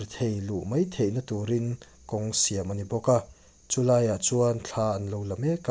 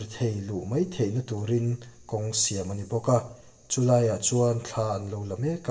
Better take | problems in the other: first | room echo; dies away in 0.7 s

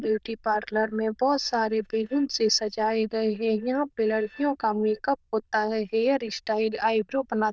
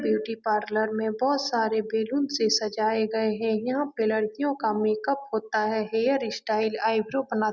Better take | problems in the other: second | noise reduction (neural diffusion model UNIVERSE++)

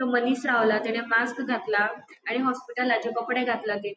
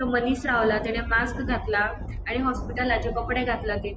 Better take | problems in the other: first | background sound (Thunder); 7 dB below the speech

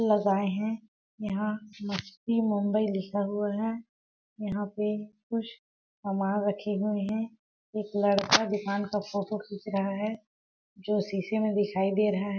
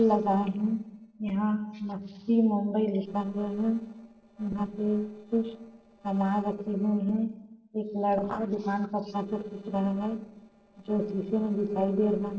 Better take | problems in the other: first | noise reduction (neural separator model SepFormer DNS4)

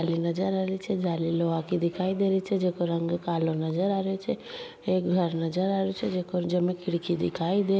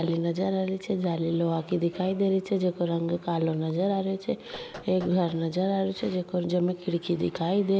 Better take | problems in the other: first | background sound (Knock); 19 dB below the speech

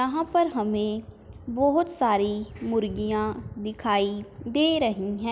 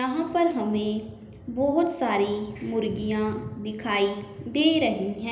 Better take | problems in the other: first | room echo; dies away in 0.8 s

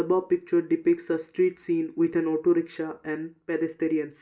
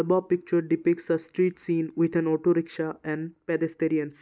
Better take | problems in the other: second | room echo; dies away in 0.3 s

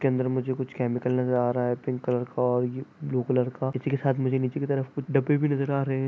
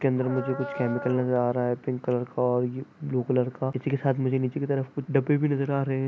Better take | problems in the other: first | background sound (Dog); 10 dB below the speech

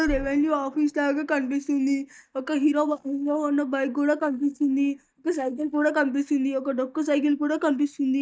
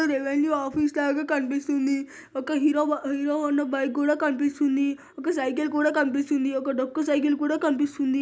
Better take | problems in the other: second | noise reduction (neural mask model DeepFilterNet 3)

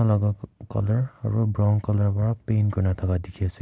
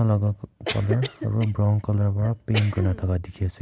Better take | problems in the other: first | background sound (Cough); 13 dB below the speech

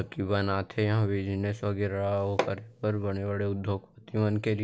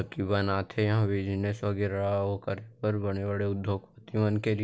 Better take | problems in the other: second | background sound (Hammer); 7 dB below the speech

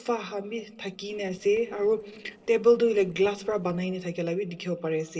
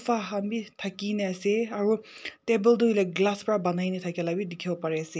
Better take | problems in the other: second | noise reduction (neural separator model SepFormer DNS4)

